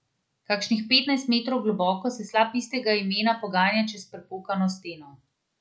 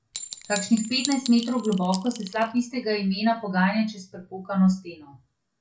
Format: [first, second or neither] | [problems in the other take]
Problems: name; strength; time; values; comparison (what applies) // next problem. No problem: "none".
first | background sound (Chink, clink); 12 dB below the speech // room echo; dies away in 0.2 s